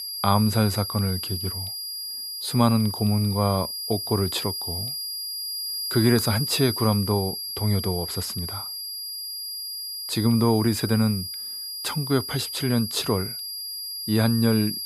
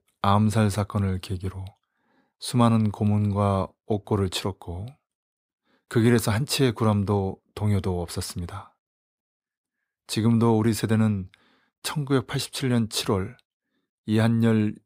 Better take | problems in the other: second | high-pitched whine; loud; throughout; 5 kHz, 5 dB below the speech

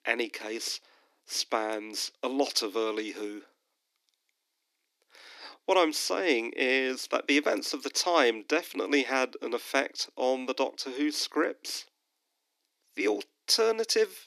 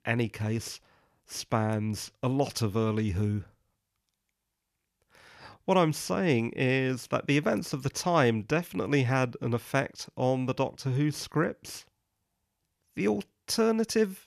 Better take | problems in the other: second | thin; somewhat; fading below 300 Hz

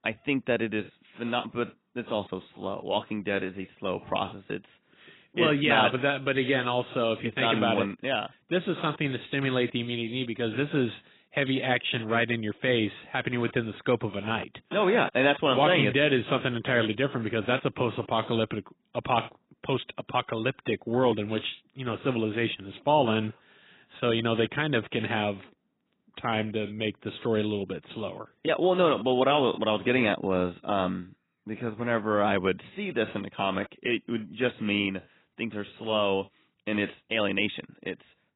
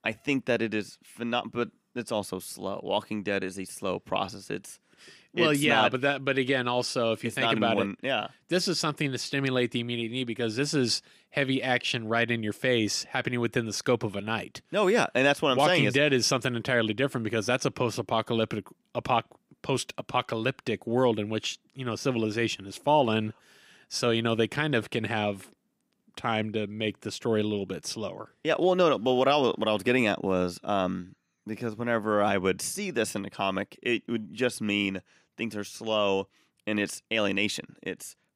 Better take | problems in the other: second | garbled, watery; badly; nothing above 4 kHz

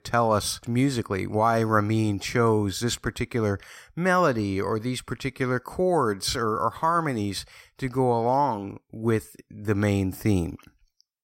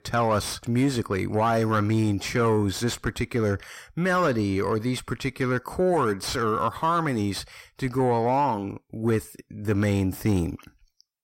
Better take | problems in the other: first | distortion; slight; 10 dB below the speech

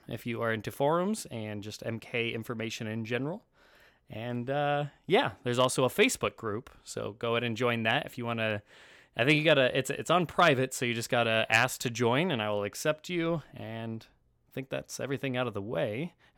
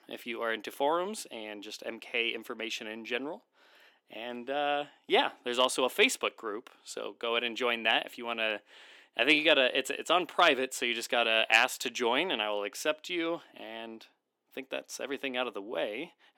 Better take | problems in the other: first | thin; somewhat; fading below 300 Hz

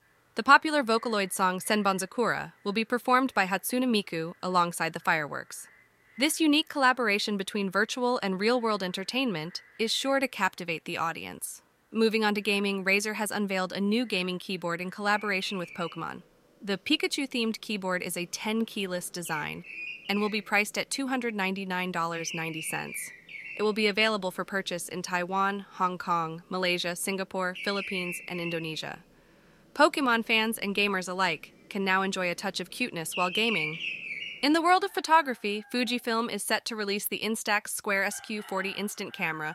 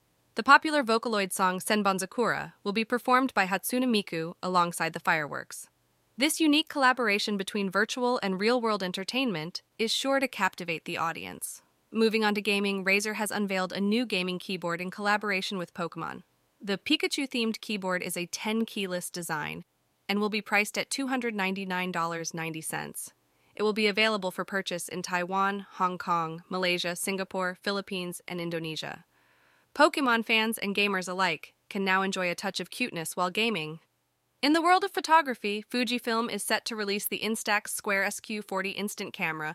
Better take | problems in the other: second | animal sounds; noticeable; throughout; 10 dB below the speech

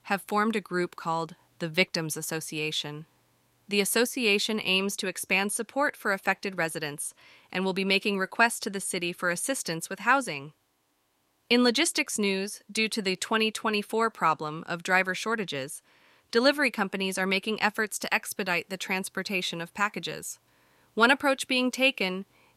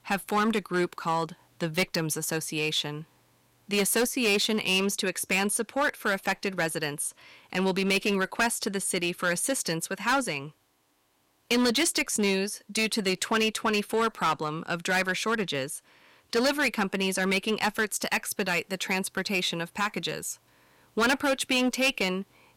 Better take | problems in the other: first | distortion; heavy; 7% of the sound clipped

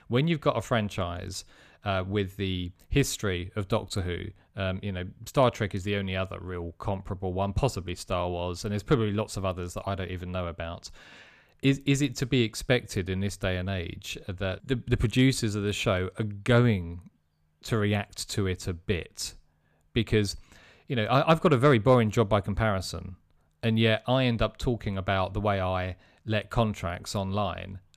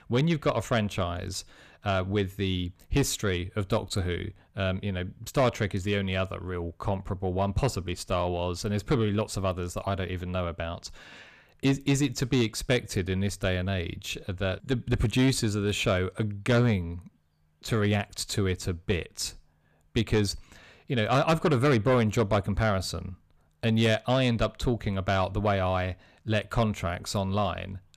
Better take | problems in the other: first | distortion; slight; 10 dB below the speech

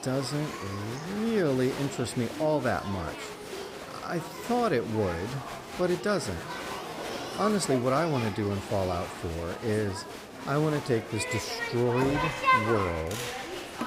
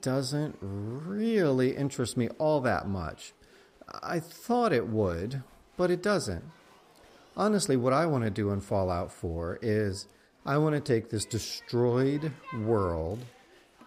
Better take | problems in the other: second | crowd noise; loud; throughout; 5 dB below the speech; faint in the second

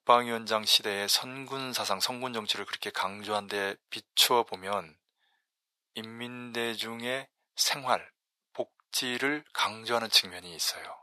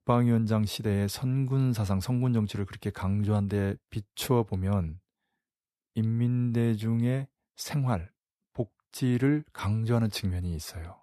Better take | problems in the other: second | thin; very; fading below 800 Hz

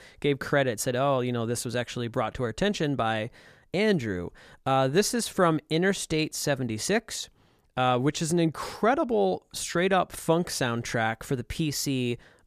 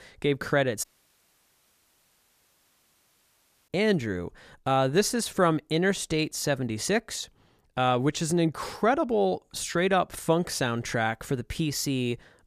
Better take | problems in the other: first | audio cutting out; at 1 s for 3 s

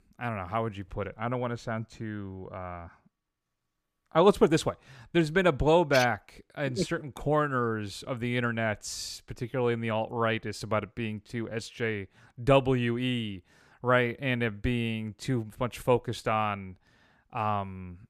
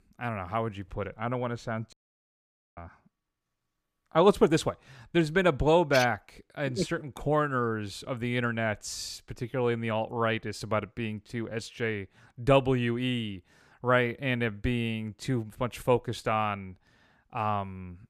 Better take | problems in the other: first | audio cutting out; at 2 s for 1 s

